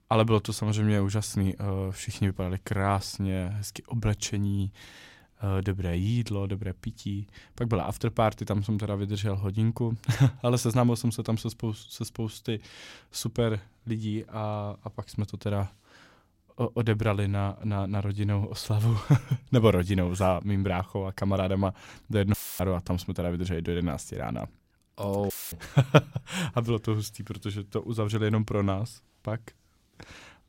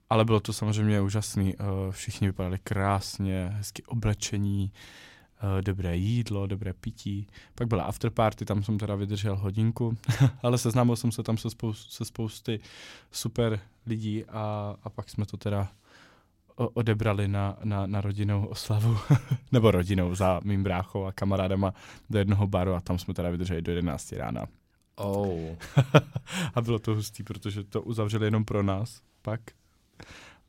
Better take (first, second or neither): second